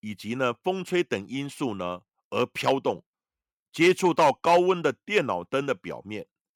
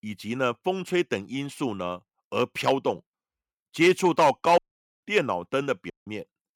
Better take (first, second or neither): first